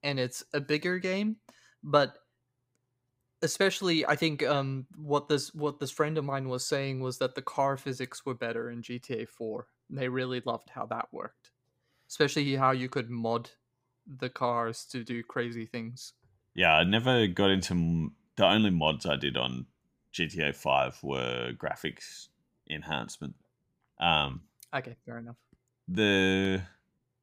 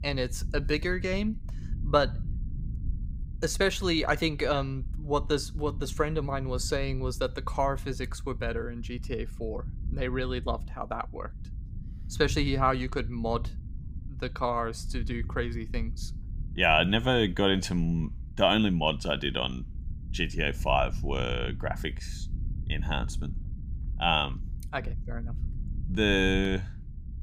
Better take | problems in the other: first | low rumble; faint; throughout; 25 dB below the speech

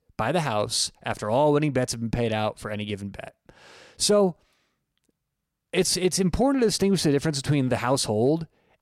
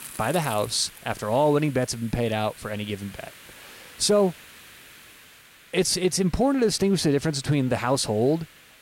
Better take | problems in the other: first | hiss; faint; throughout; 20 dB below the speech

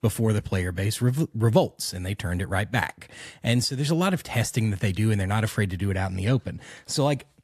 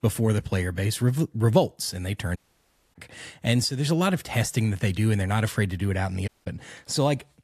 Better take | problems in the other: first | audio cutting out; at 2.5 s for 0.5 s and at 6.5 s

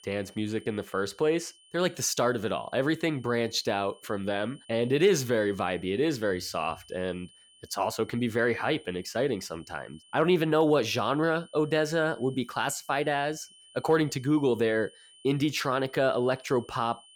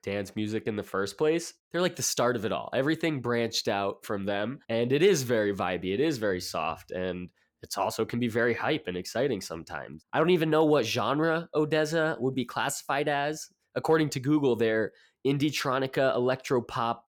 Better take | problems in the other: second | high-pitched whine; faint; throughout; 3 kHz, 25 dB below the speech

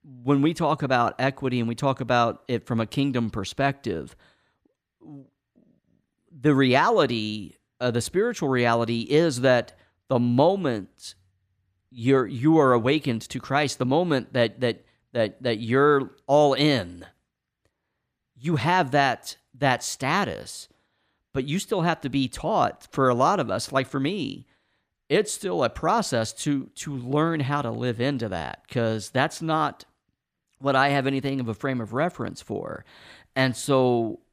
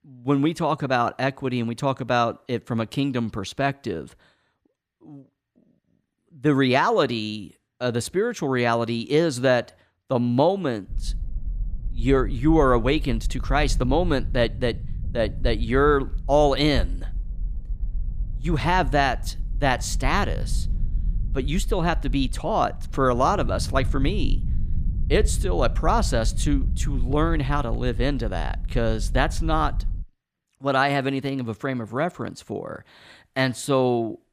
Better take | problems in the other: first | low rumble; faint; from 11 to 30 s; 25 dB below the speech

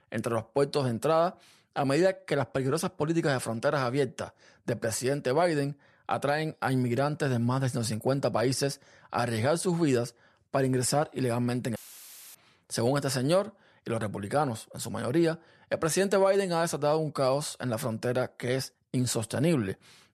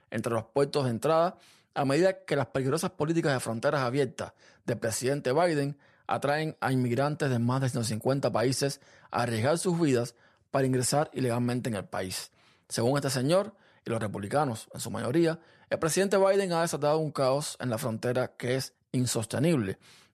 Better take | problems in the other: second | audio cutting out; filled with static; at 12 s for 0.5 s

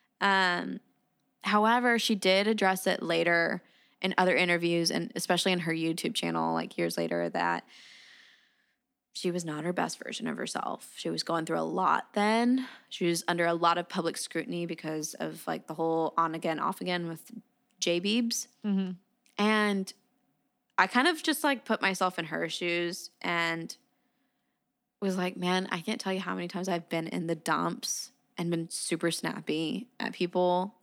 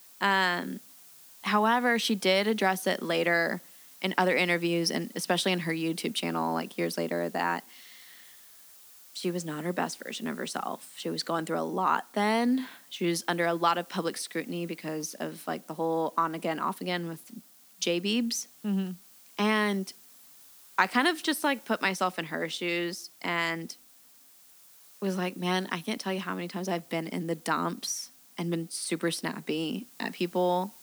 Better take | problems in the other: first | hiss; faint; throughout; 20 dB below the speech

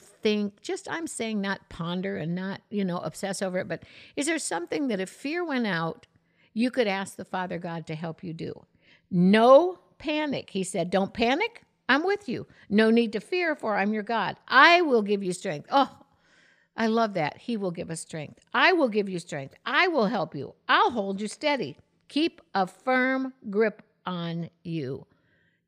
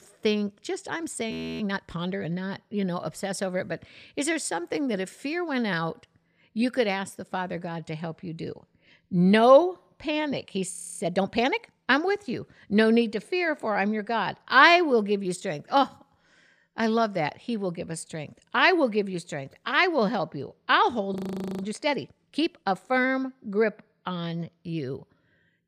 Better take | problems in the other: first | audio freezing; at 1.5 s, at 11 s and at 21 s

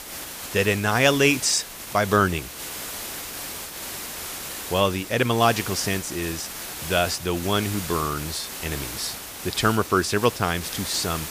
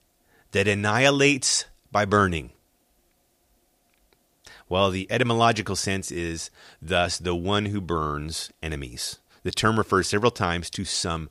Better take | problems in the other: second | hiss; loud; throughout; 9 dB below the speech

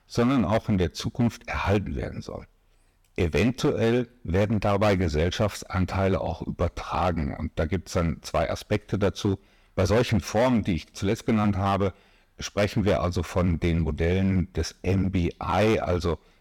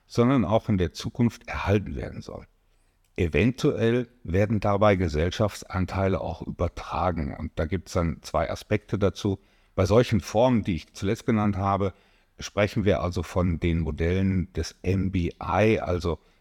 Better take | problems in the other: second | distortion; slight; 8% of the sound clipped

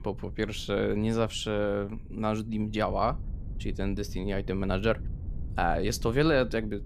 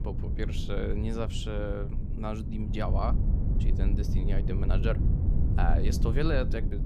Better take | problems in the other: first | low rumble; loud; throughout; 7 dB below the speech; faint in the first

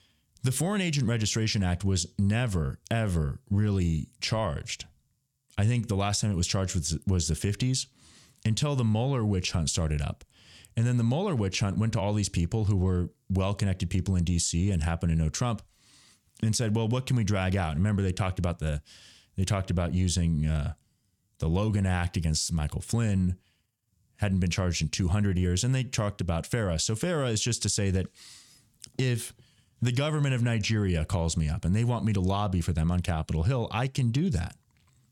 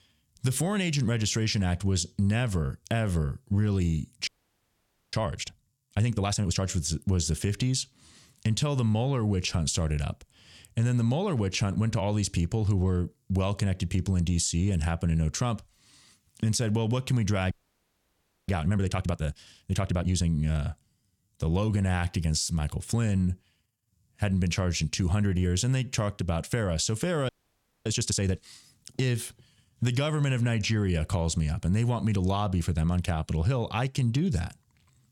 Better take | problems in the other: first | audio freezing; at 4.5 s for 1 s, at 18 s for 1 s and at 27 s for 0.5 s

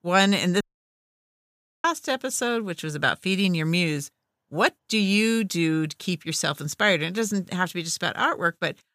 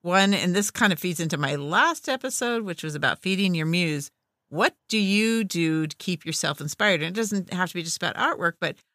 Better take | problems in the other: second | audio cutting out; at 0.5 s for 1 s

